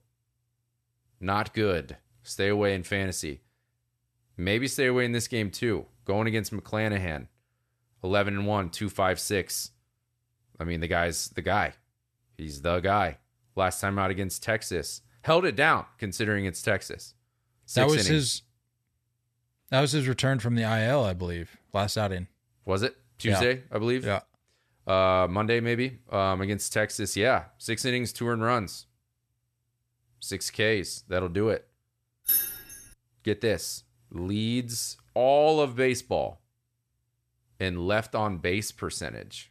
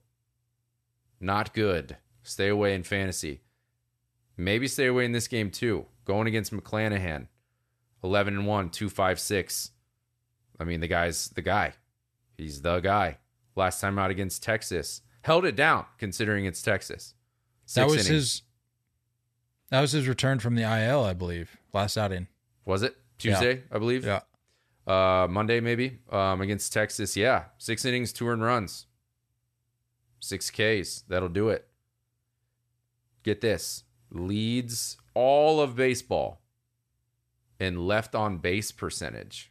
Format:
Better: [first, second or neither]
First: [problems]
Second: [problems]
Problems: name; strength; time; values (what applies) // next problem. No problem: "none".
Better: second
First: jangling keys; loud; at 32 s; peak 3 dB above the speech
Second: none